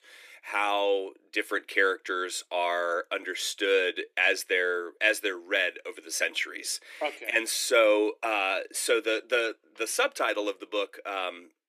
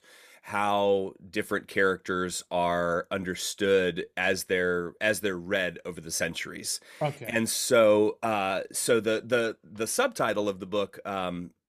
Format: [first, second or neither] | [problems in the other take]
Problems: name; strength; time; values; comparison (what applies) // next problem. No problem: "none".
second | thin; somewhat; fading below 300 Hz